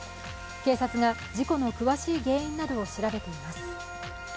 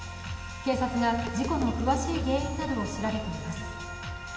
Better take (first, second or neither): first